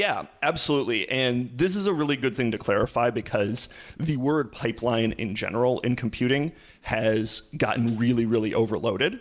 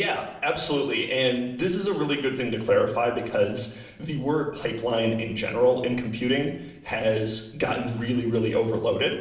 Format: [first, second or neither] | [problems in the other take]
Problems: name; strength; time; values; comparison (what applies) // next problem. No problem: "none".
first | noise reduction (neural separator model SepFormer DNS4)